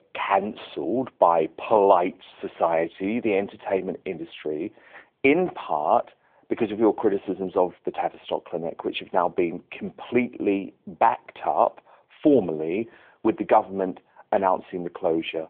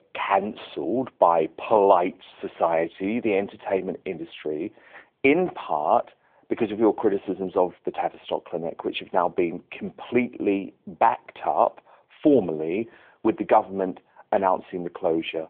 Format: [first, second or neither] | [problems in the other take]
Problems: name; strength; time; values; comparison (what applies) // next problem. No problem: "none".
neither | phone-call audio; the same in both